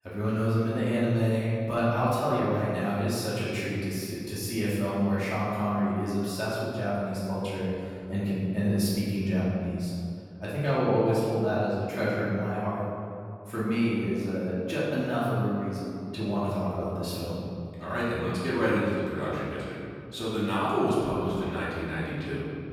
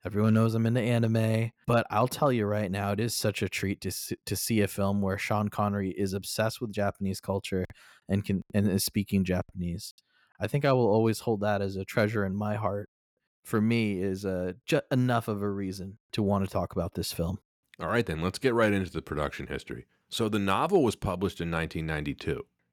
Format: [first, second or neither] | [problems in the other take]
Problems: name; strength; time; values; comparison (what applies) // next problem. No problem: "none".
second | off-mic speech; far // room echo; strong; dies away in 2.1 s